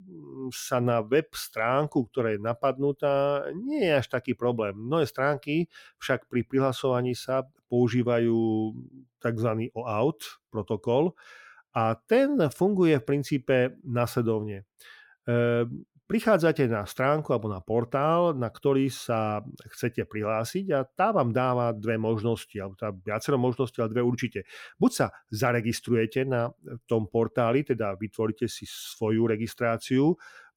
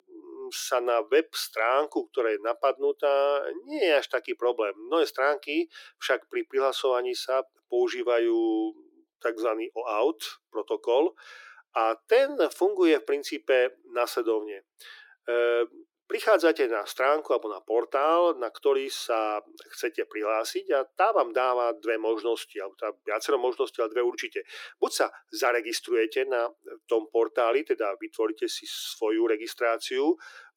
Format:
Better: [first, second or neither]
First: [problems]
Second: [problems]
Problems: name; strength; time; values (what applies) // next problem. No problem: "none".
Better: first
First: none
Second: thin; very; fading below 300 Hz